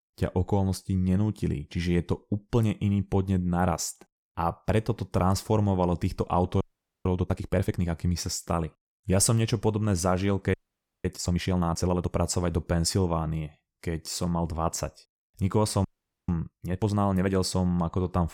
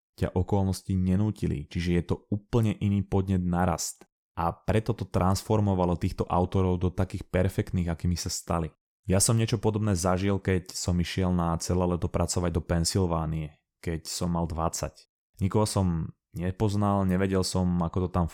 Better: second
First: audio freezing; at 6.5 s, at 11 s for 0.5 s and at 16 s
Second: none

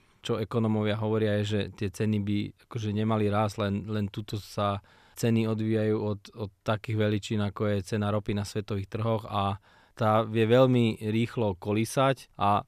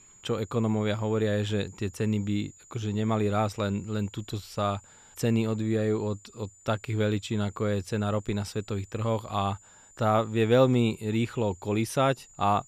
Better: first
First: none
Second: high-pitched whine; faint; throughout; 7 kHz, 25 dB below the speech

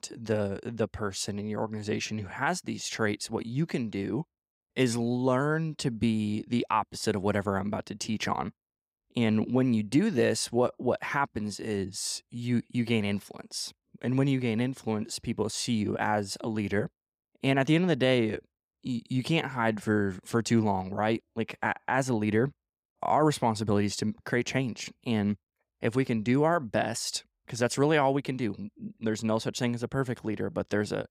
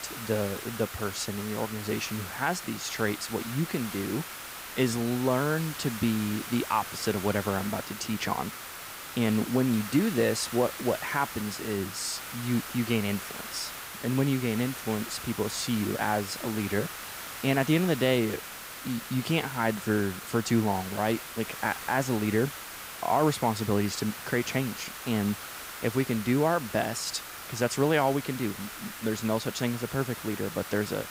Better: first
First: none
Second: hiss; loud; throughout; 9 dB below the speech

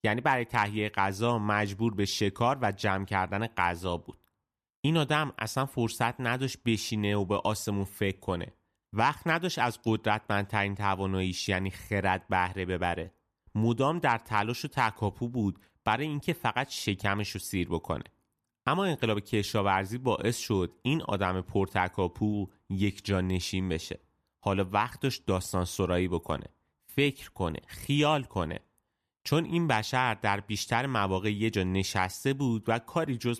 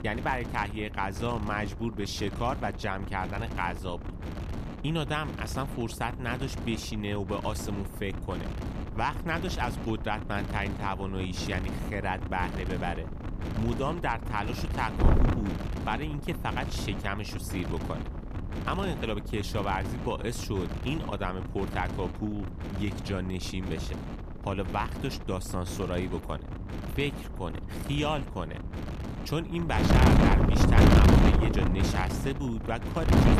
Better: first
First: none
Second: wind noise on the microphone; heavy; 3 dB below the speech

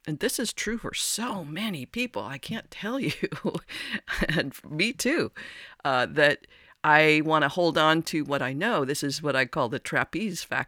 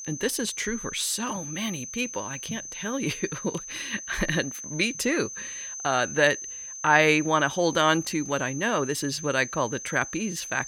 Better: first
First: none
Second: high-pitched whine; loud; throughout; 6 kHz, 9 dB below the speech

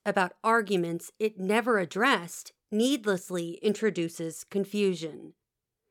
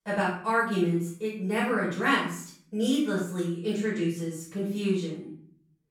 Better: first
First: none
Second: off-mic speech; far // room echo; noticeable; dies away in 0.6 s

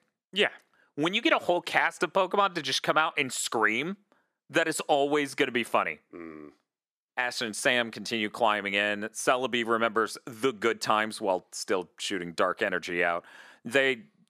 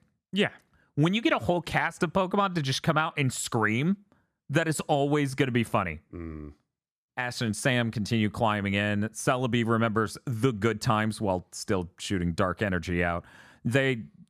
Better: second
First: thin; somewhat; fading below 400 Hz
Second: none

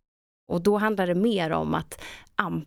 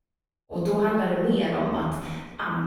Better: first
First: none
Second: off-mic speech; far // room echo; strong; dies away in 1.4 s

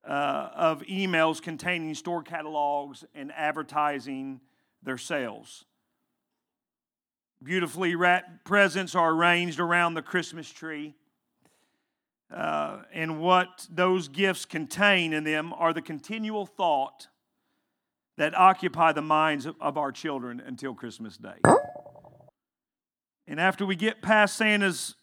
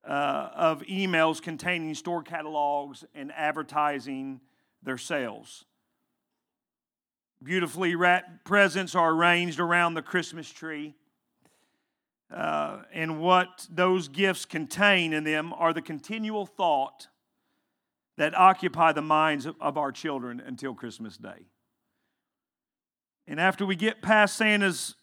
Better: second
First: clattering dishes; loud; at 21 s; peak 5 dB above the speech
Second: none

